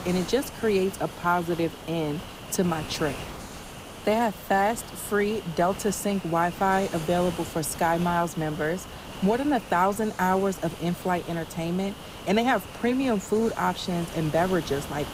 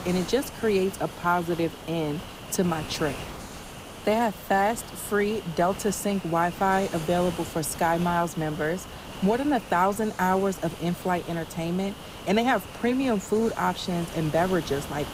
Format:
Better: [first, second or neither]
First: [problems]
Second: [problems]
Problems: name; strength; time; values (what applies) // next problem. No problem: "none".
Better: neither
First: hiss; noticeable; throughout; 10 dB below the speech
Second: hiss; noticeable; throughout; 10 dB below the speech